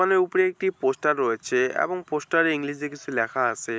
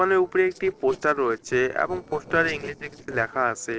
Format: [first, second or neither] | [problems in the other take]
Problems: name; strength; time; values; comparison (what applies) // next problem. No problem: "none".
first | noise reduction (neural separator model SepFormer DNS4)